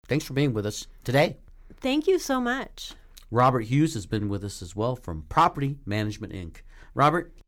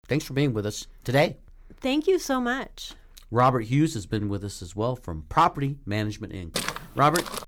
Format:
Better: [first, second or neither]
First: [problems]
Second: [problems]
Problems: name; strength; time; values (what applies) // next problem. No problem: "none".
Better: first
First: none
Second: footsteps; noticeable; at 6.5 s; peak 4 dB below the speech